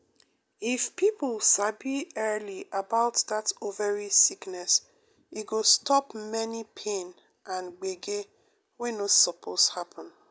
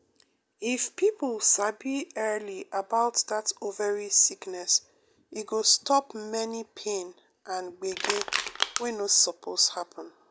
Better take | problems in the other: first | background sound (Crushing); 3 dB below the speech

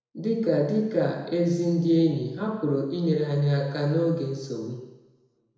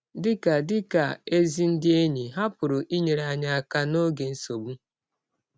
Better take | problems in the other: second | room echo; dies away in 1 s

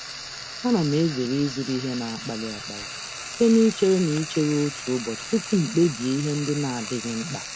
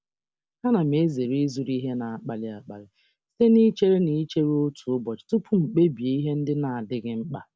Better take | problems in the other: second | background sound (Frying (food)); 11 dB below the speech

